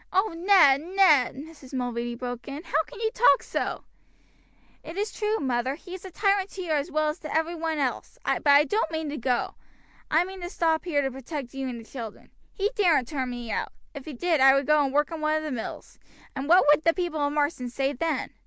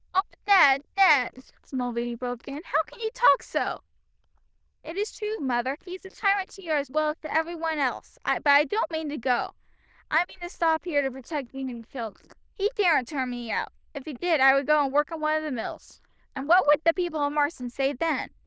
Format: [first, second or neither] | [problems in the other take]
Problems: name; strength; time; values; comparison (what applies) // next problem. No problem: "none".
first | noise reduction (neural diffusion model UNIVERSE++)